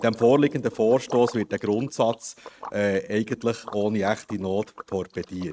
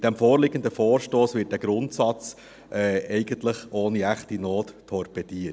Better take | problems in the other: second | noise reduction (neural mask model RNNoise)

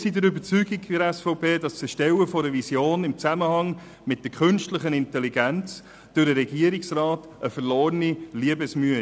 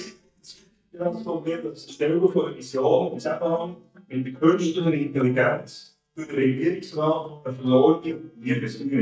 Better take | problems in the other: first | noise reduction (neural mask model DeepFilterNet 3)

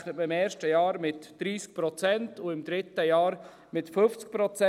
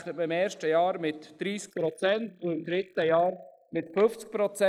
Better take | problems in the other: first | noise reduction (neural mask model Resemble Enhance denoiser)

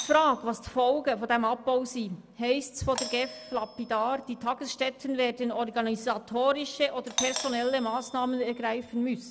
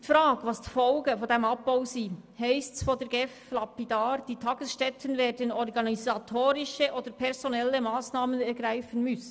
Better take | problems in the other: second | background sound (Doorbell); 14 dB below the speech

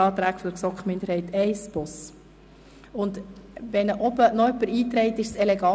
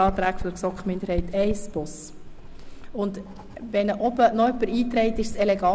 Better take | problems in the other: first | background sound (Writing); 9 dB below the speech

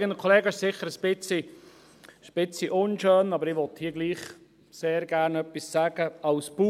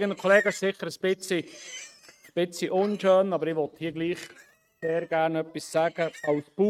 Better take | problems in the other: first | noise reduction (neural mask model RNNoise)

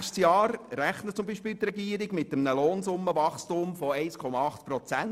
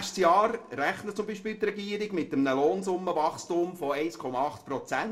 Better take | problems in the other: first | room echo; dies away in 0.2 s

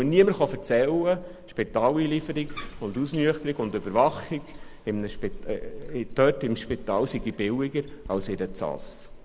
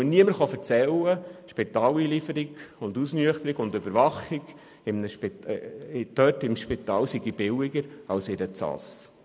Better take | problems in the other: second | background sound (Bathtub (filling or washing)); 13 dB below the speech

